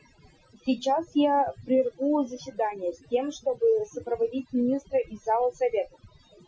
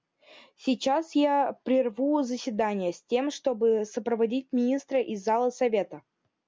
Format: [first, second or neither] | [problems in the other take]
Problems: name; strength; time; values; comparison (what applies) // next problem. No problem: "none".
second | noise reduction (classical method Wiener filter)